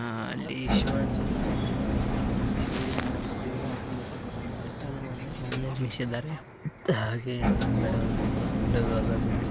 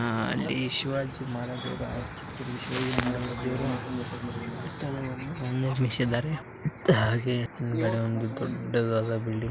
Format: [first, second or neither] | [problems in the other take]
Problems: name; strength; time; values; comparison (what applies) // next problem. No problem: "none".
second | background sound (Engine); 3 dB above the speech